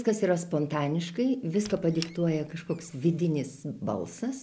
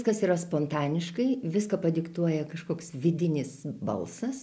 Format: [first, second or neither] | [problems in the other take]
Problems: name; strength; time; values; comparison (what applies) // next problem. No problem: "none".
second | background sound (Squeak); 20 dB below the speech